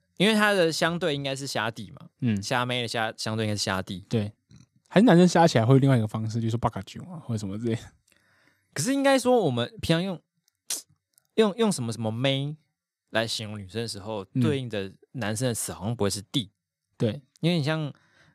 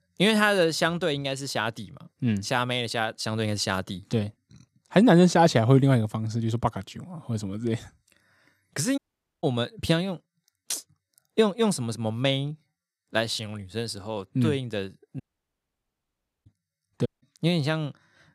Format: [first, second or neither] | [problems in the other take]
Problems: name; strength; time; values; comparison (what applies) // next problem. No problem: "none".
first | audio cutting out; at 9 s, at 15 s for 1.5 s and at 17 s